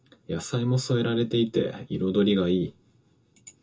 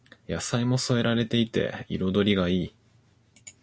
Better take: second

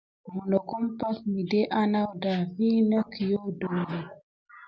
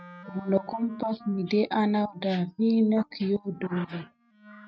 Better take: first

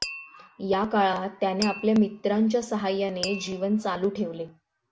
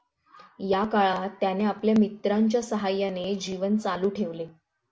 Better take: second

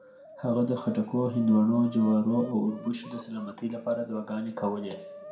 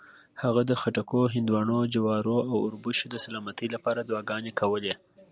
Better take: second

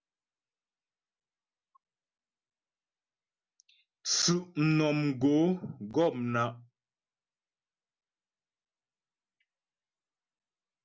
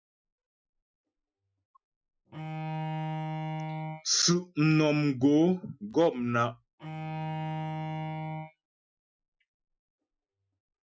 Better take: first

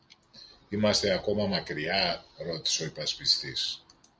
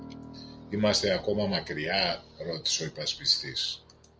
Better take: first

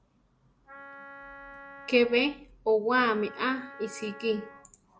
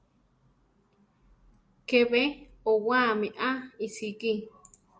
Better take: second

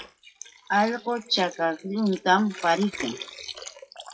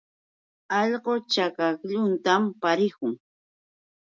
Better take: second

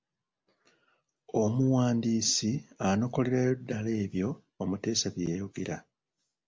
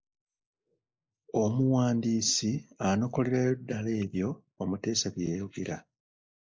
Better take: first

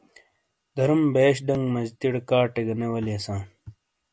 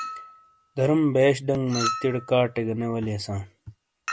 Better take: first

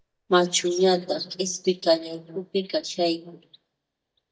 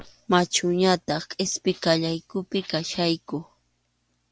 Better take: second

